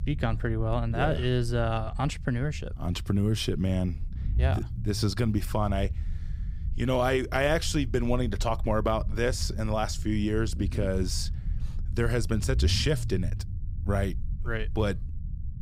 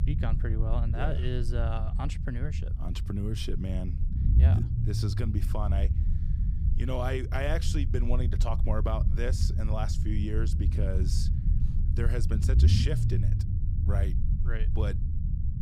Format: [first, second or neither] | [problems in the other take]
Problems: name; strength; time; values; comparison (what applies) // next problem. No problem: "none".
first | low rumble; loud; throughout; 6 dB below the speech; faint in the first